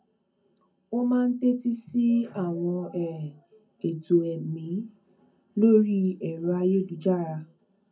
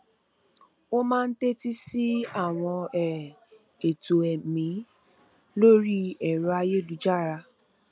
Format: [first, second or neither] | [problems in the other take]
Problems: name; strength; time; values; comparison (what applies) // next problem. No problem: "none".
second | room echo; dies away in 0.3 s